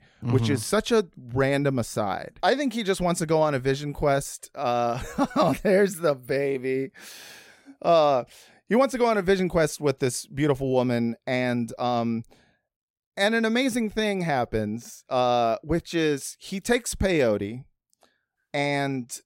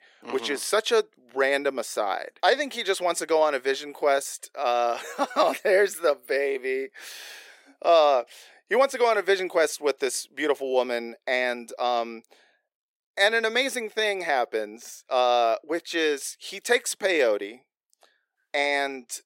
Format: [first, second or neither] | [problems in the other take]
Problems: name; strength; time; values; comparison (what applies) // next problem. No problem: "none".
first | thin; very; fading below 350 Hz